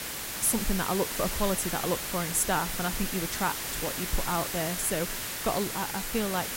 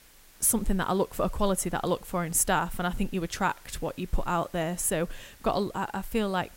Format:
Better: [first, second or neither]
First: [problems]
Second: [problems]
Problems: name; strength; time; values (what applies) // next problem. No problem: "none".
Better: second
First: hiss; loud; throughout; 2 dB below the speech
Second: hiss; faint; throughout; 25 dB below the speech